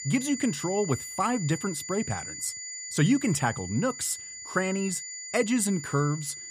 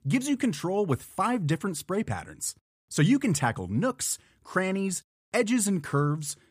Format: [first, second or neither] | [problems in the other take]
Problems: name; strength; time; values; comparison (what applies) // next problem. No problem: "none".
second | high-pitched whine; loud; throughout; 7 kHz, 8 dB below the speech